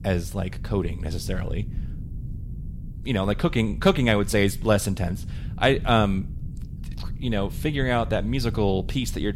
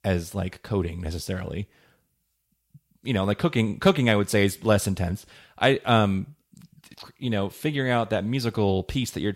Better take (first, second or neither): second